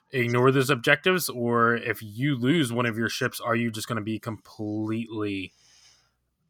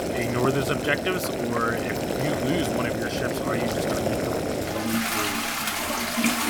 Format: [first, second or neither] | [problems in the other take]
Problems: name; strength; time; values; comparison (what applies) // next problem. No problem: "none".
first | household noises; very loud; throughout; 3 dB above the speech